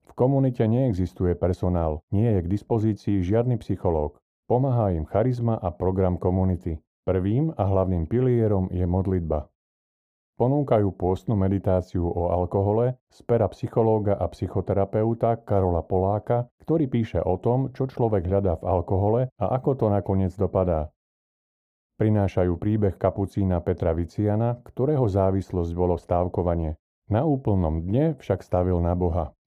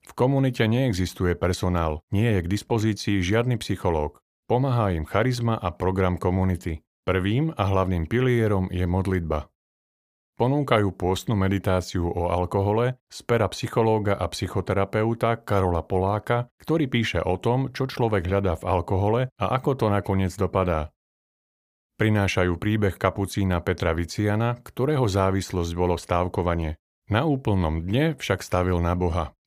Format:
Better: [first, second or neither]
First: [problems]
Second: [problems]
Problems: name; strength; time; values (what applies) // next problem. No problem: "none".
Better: second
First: muffled; very; fading above 1 kHz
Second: none